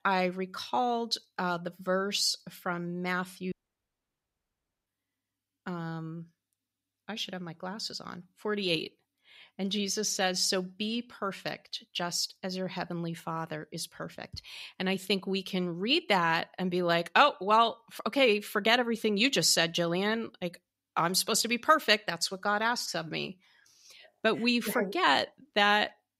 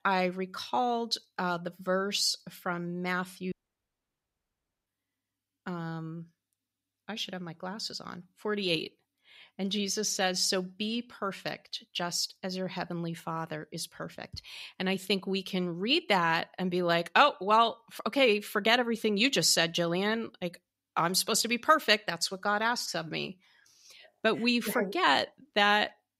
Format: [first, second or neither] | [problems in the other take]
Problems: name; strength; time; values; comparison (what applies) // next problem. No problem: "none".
neither | audio cutting out; at 3.5 s for 1.5 s; the same in both